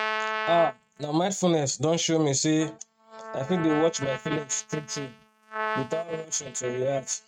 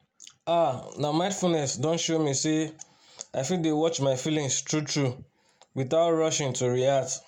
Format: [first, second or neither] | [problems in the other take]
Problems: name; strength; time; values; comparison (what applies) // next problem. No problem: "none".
second | noise reduction (neural mask model RNNoise)